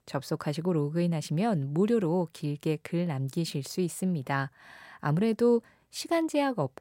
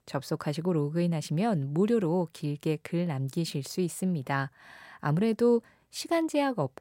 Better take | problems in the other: neither | none

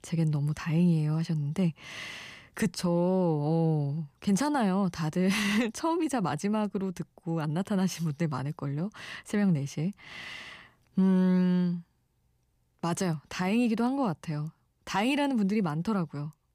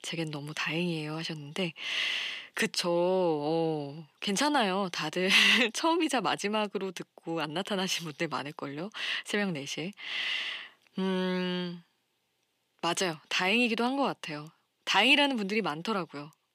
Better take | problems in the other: first | thin; somewhat; fading below 350 Hz

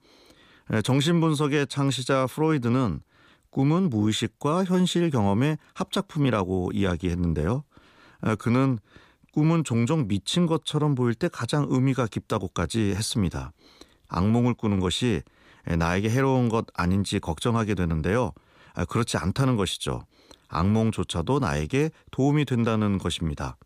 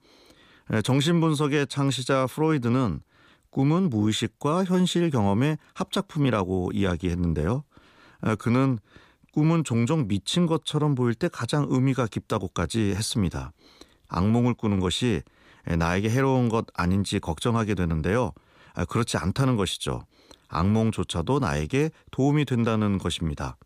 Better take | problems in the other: neither | none

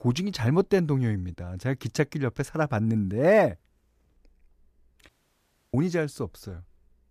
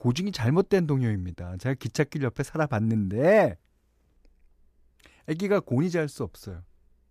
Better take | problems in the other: second | audio cutting out; at 5 s for 0.5 s

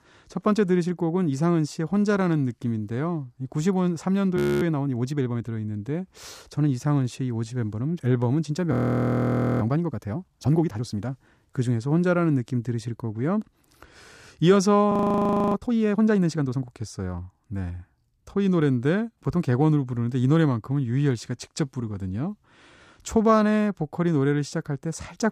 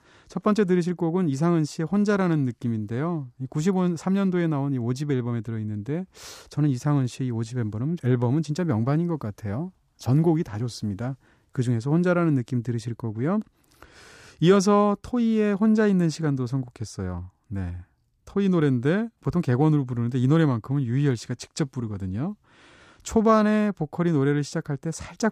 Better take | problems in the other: second | audio freezing; at 4.5 s, at 8.5 s for 1 s and at 15 s for 0.5 s

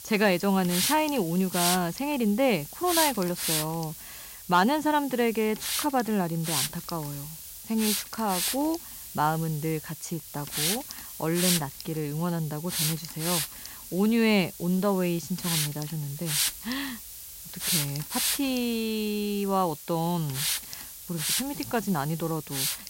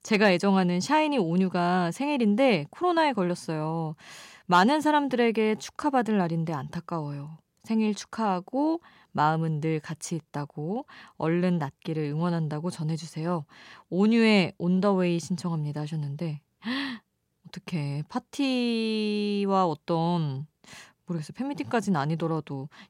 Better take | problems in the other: second | hiss; loud; throughout; 3 dB below the speech

